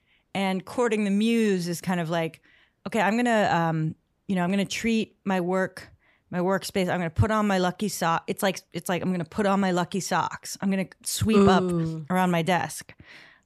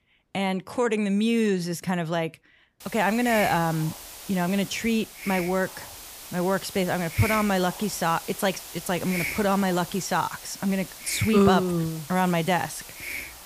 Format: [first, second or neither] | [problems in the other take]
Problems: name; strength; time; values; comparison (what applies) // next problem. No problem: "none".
first | hiss; noticeable; from 3 s on; 10 dB below the speech